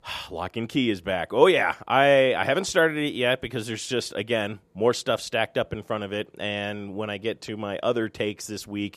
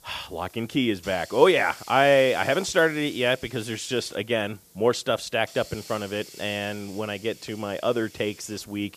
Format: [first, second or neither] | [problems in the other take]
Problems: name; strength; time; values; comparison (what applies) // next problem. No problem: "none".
first | hiss; noticeable; throughout; 20 dB below the speech